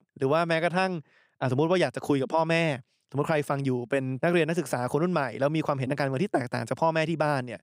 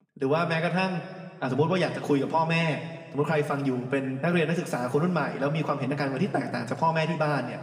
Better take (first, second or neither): first